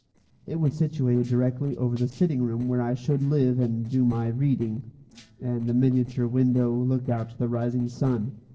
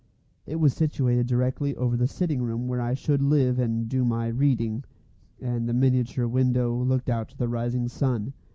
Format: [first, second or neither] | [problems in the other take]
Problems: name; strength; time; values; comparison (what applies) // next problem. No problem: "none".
second | noise reduction (neural separator model SepFormer DNS4)